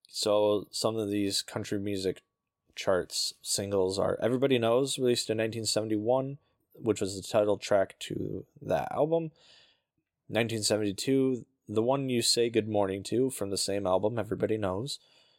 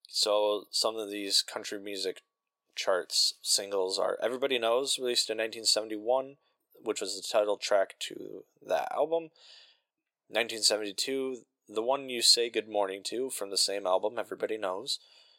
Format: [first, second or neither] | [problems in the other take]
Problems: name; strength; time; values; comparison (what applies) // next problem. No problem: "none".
first | thin; somewhat; fading below 550 Hz